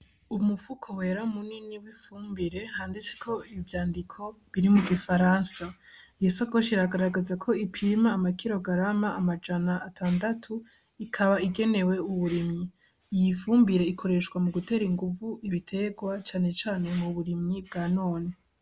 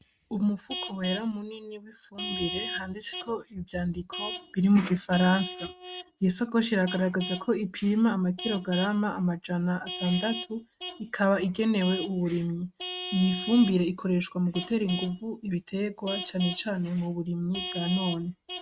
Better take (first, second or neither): first